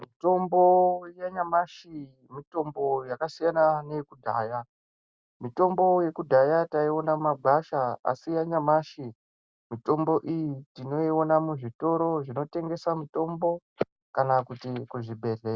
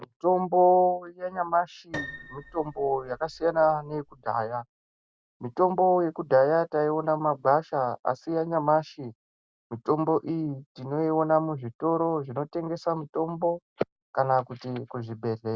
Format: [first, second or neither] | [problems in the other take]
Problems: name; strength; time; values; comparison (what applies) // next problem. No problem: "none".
first | background sound (Piano); 17 dB below the speech